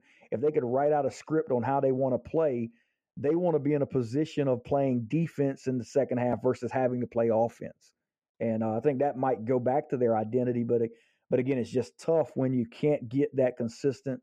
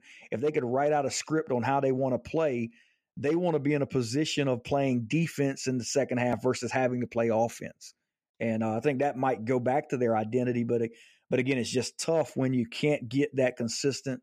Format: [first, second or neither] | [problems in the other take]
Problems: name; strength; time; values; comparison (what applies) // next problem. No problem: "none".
second | muffled; very; fading above 2 kHz